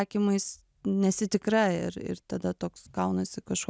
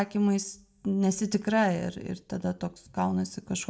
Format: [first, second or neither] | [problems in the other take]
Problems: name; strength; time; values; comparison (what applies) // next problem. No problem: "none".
first | room echo; dies away in 0.3 s